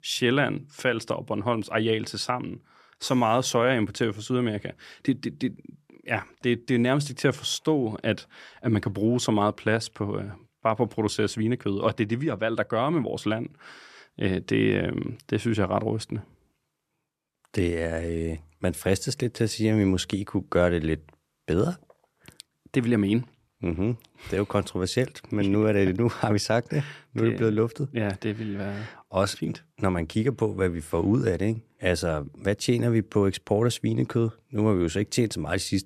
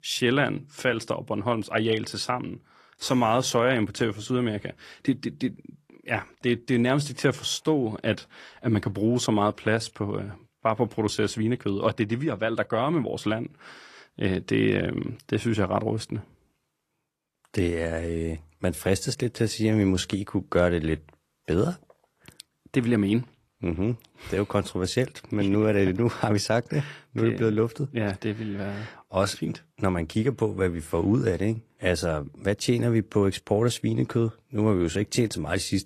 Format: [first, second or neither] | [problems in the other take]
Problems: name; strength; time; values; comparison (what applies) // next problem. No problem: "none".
first | garbled, watery; slightly; nothing above 13.5 kHz